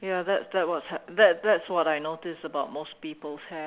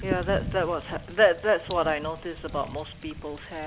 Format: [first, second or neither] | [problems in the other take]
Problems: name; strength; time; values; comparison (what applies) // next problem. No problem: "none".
first | background sound (Thunder); 9 dB below the speech